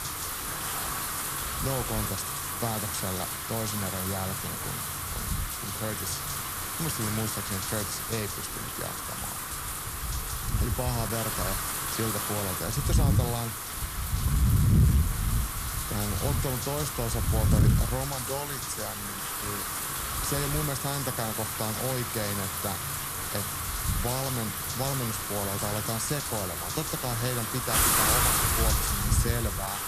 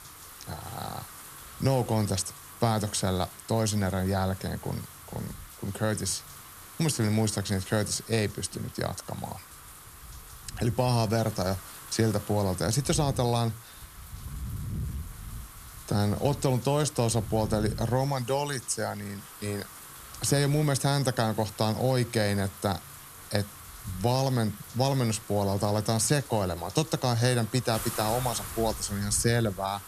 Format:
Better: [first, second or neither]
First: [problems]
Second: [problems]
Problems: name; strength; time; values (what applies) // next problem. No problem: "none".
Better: second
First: wind noise on the microphone; heavy; 4 dB above the speech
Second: wind noise on the microphone; occasional gusts; 15 dB below the speech